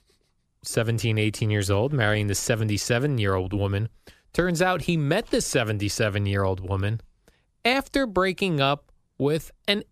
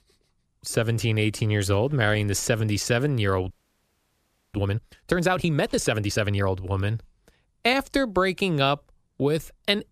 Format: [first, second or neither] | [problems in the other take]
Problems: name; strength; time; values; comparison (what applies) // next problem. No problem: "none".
first | audio freezing; at 3.5 s for 1 s